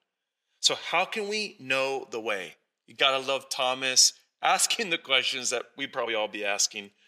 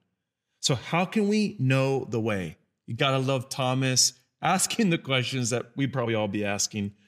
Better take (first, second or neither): second